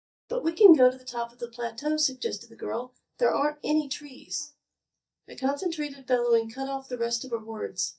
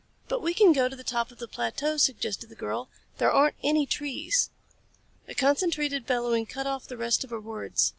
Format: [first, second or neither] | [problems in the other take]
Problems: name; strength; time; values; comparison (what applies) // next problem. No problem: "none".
second | noise reduction (neural mask model DeepFilterNet 3)